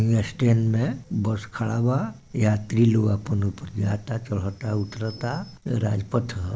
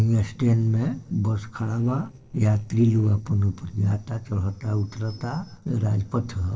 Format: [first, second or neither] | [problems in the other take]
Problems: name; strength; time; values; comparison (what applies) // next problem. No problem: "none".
first | noise reduction (neural separator model SepFormer DNS4)